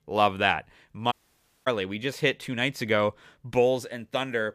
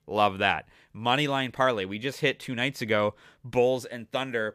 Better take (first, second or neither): second